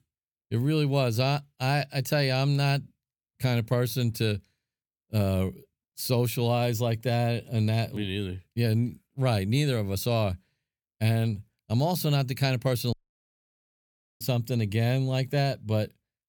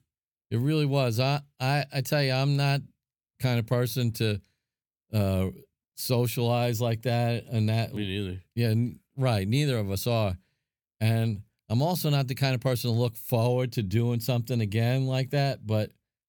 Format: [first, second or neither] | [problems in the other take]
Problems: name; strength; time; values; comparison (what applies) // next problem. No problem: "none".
second | audio cutting out; at 13 s for 1.5 s